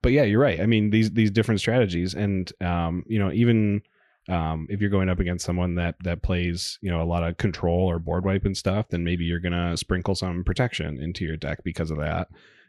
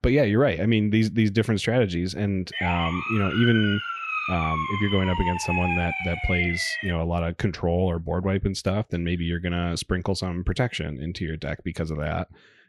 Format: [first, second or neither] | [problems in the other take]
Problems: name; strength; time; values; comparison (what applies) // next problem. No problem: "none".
first | siren; loud; from 2.5 to 7 s; peak level with the speech